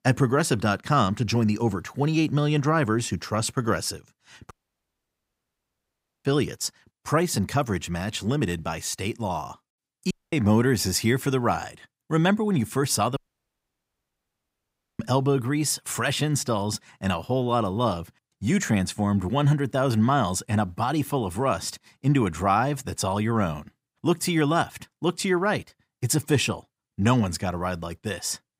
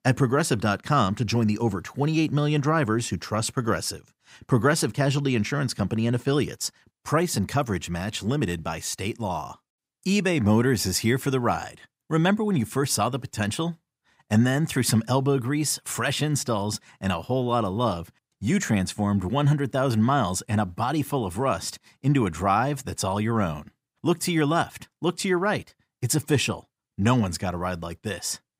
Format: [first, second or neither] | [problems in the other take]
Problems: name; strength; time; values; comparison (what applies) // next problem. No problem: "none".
second | audio cutting out; at 4.5 s for 1.5 s, at 10 s and at 13 s for 2 s